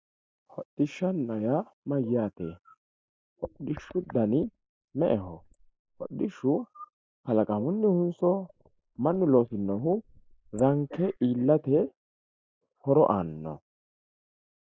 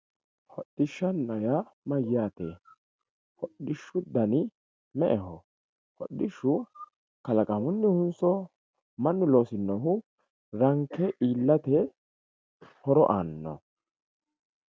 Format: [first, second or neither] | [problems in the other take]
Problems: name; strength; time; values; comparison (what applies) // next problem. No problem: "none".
second | noise reduction (neural mask model Resemble Enhance denoiser)